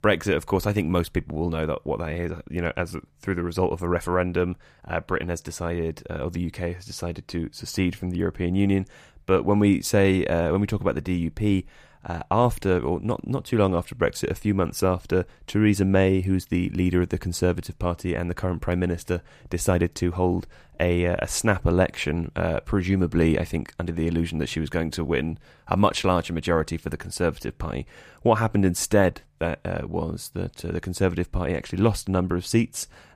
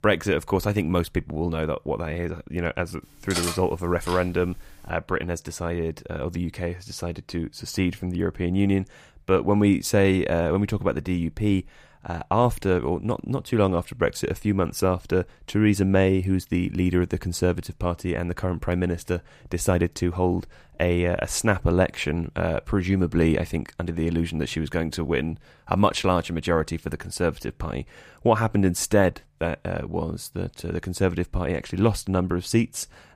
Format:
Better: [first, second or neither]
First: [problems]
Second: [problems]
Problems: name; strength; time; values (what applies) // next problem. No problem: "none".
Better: first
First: none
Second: clattering dishes; noticeable; from 3 to 5 s; peak 3 dB below the speech